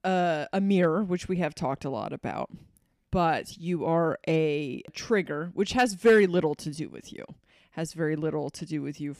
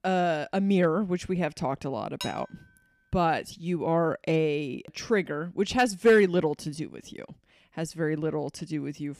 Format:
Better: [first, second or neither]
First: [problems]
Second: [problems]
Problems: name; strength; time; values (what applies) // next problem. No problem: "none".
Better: first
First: none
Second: clattering dishes; faint; at 2 s; peak 10 dB below the speech